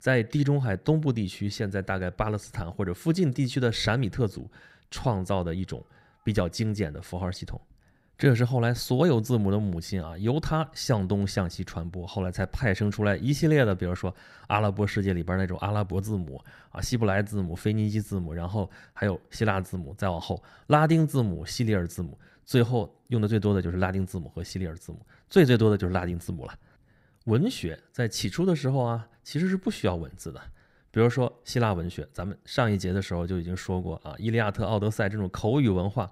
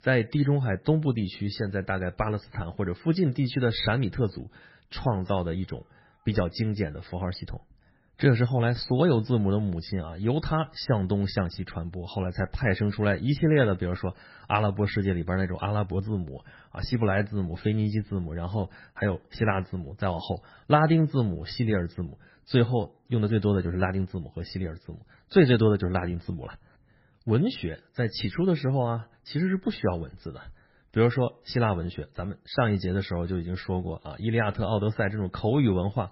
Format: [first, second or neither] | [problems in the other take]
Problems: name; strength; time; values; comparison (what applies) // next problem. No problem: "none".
first | garbled, watery; badly; nothing above 5.5 kHz